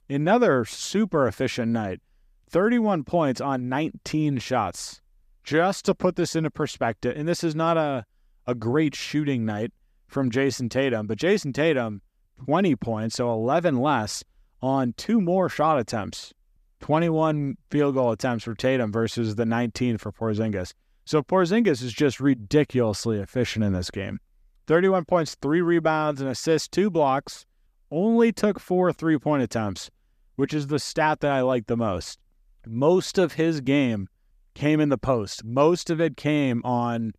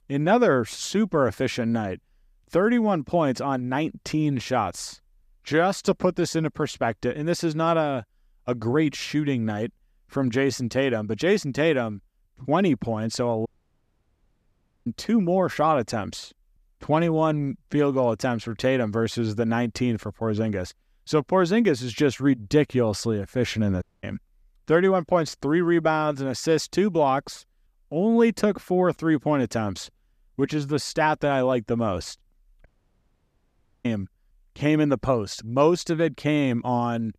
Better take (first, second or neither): first